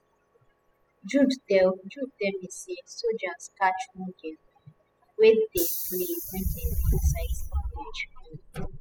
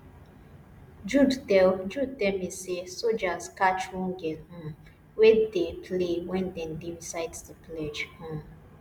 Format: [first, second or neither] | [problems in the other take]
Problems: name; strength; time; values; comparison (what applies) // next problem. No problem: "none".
second | noise reduction (classical method spectral subtraction)